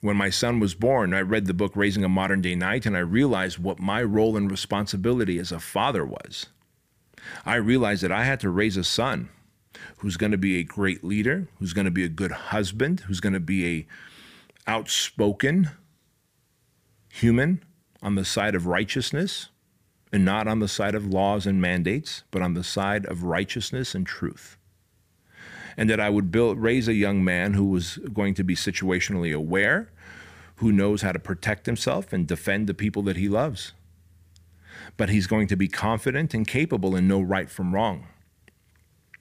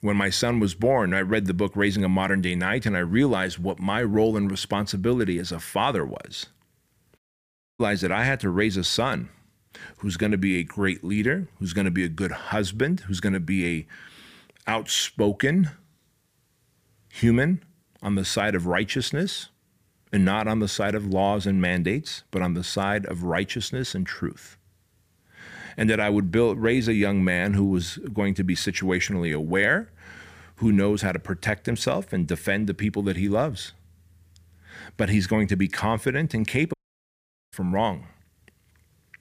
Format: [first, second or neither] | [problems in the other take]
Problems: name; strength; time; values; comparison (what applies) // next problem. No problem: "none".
first | audio cutting out; at 7 s for 0.5 s and at 37 s for 1 s